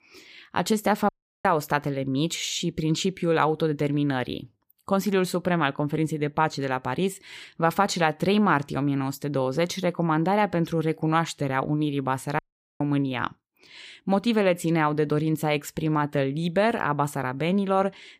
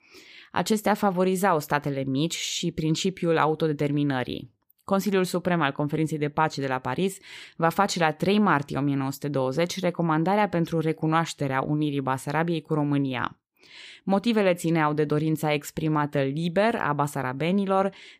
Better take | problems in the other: second | audio cutting out; at 1 s and at 12 s

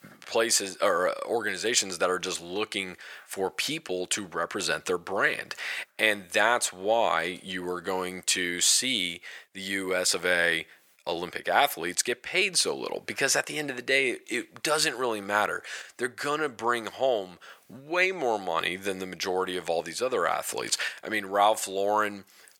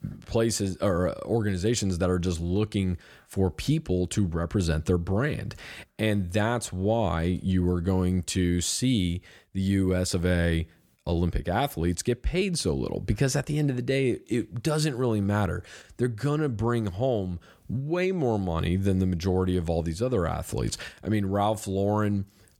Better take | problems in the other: second | thin; very; fading below 650 Hz

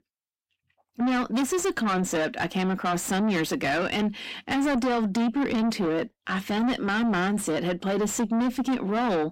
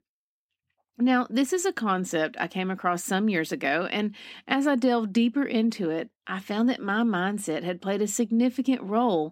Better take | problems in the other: second | distortion; heavy; 6 dB below the speech

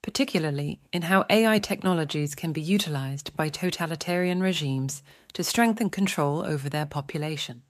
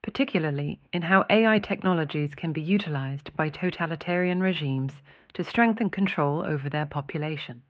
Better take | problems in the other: first | muffled; very; fading above 3 kHz

